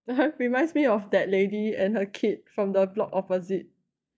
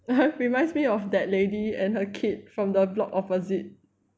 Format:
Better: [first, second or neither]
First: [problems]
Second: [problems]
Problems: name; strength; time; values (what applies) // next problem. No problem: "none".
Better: second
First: noise reduction (neural mask model DeepFilterNet 3)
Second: none